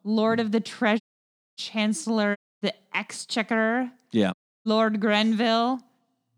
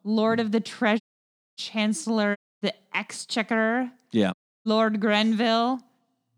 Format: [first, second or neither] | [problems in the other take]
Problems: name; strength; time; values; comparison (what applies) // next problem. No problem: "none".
neither | audio cutting out; at 1 s for 0.5 s, at 2.5 s and at 4.5 s; the same in both